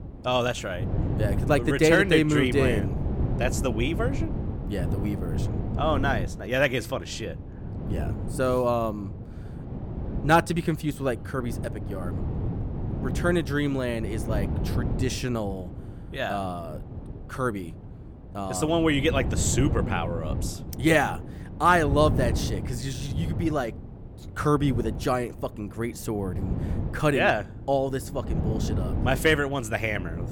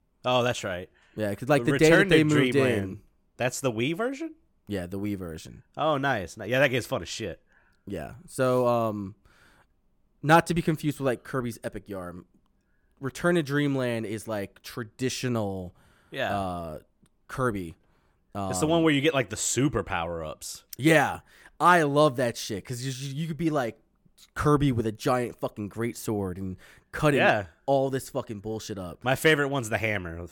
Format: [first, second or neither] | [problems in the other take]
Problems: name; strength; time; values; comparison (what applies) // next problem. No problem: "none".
second | wind noise on the microphone; occasional gusts; 15 dB below the speech